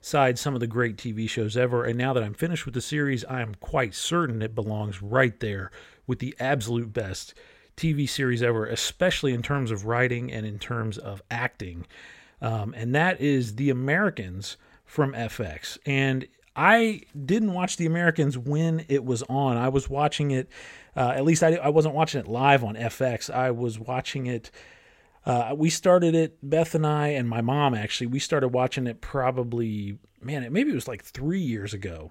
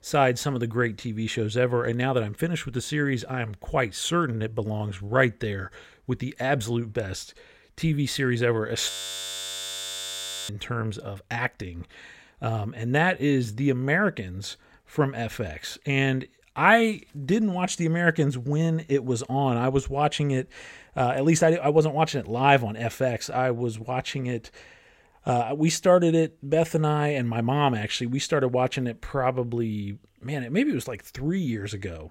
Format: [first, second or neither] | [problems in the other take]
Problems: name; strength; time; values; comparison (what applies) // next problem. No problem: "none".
first | audio freezing; at 9 s for 1.5 s